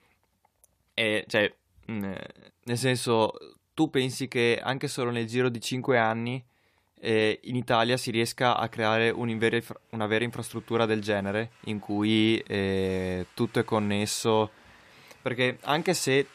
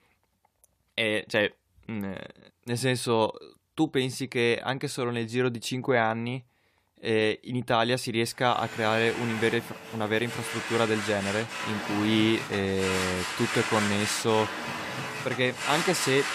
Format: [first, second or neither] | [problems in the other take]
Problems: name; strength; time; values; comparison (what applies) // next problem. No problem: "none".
first | household noises; loud; from 8.5 s on; 5 dB below the speech; faint in the first